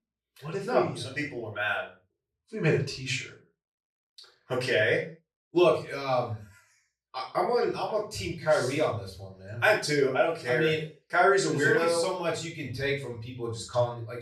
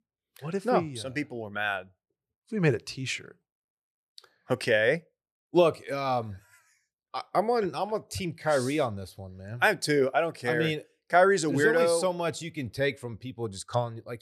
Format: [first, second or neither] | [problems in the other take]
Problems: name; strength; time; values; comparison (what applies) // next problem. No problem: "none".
second | room echo; noticeable; dies away in 0.3 s // off-mic speech; far